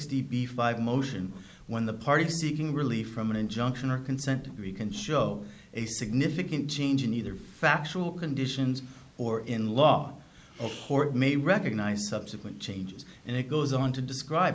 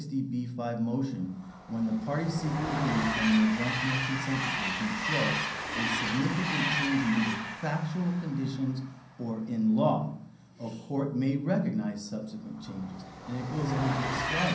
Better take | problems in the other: first | background sound (Train); 5 dB below the speech // room echo; dies away in 0.6 s

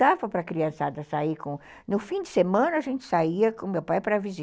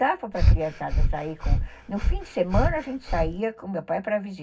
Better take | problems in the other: first | background sound (Breathing); 5 dB above the speech // room echo; dies away in 0.4 s

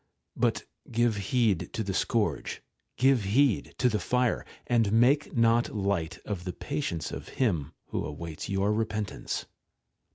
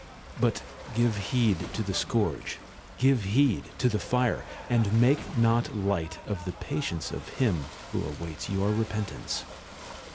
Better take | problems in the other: first | background sound (Car + Ocean / Boat, Water vehicle); 15 dB below the speech

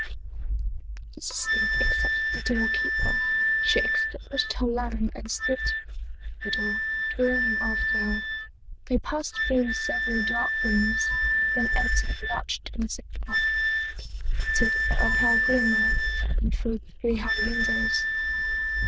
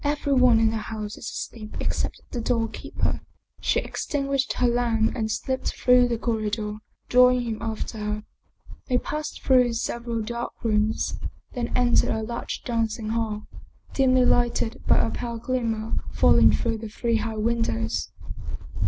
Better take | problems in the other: second | noise reduction (neural diffusion model UNIVERSE++)

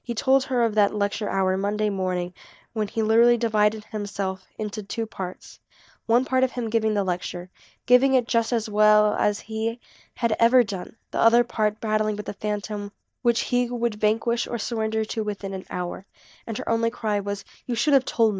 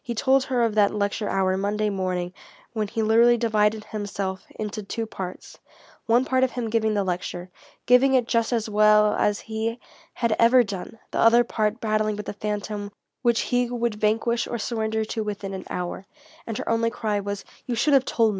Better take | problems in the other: second | noise reduction (neural mask model DeepFilterNet 3)

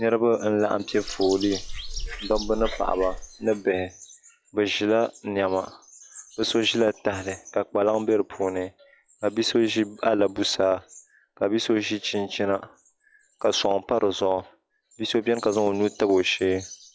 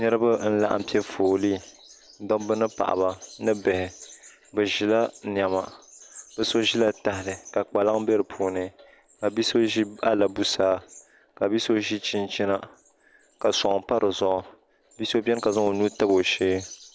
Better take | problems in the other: second | noise reduction (classical method log-MMSE)

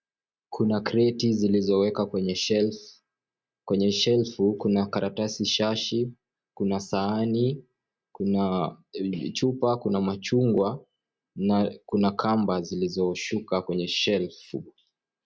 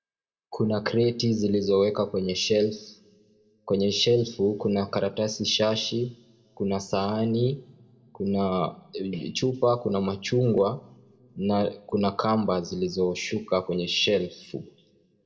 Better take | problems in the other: first | room echo; dies away in 0.7 s

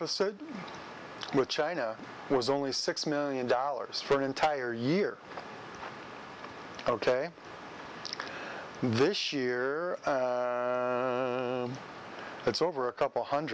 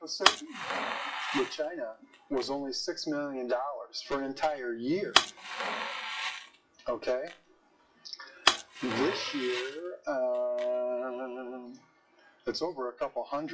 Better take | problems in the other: first | noise reduction (classical method WPE with log-MMSE)

